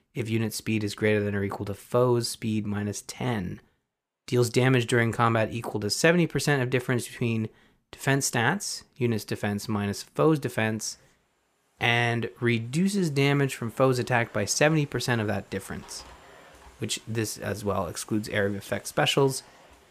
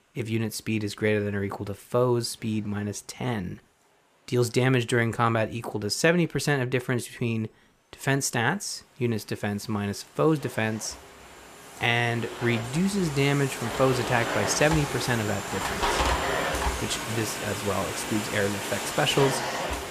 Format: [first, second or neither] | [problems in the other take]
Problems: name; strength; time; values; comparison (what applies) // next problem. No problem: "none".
first | household noises; loud; throughout; 3 dB below the speech; faint in the first